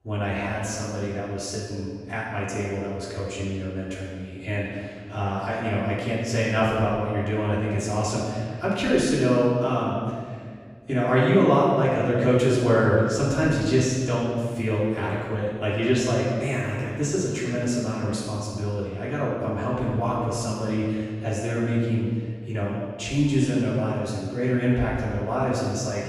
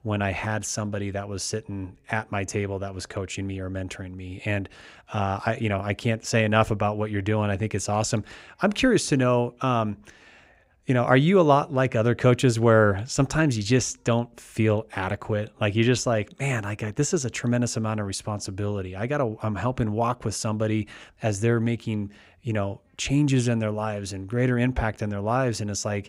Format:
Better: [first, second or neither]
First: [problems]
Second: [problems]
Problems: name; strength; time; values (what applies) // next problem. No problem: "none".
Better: second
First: off-mic speech; far // room echo; strong; dies away in 1.6 s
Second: none